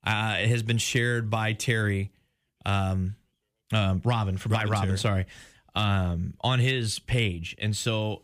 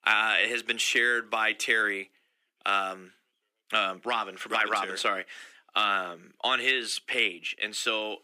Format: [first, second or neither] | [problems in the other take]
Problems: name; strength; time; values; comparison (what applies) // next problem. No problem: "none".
first | thin; very; fading below 300 Hz